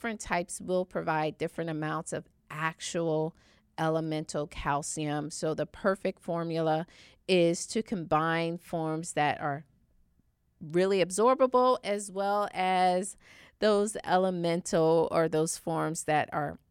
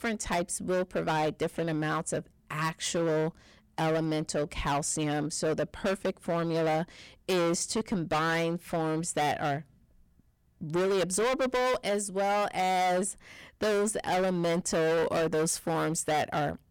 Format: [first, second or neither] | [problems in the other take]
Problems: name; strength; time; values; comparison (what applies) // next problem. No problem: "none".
first | distortion; heavy; 20% of the sound clipped